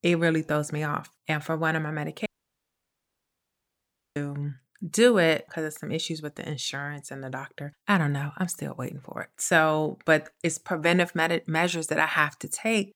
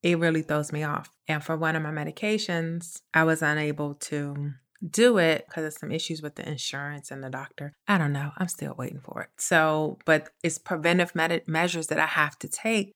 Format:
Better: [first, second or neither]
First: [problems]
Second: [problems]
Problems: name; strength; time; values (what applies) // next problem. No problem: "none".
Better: second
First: audio cutting out; at 2.5 s for 2 s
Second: none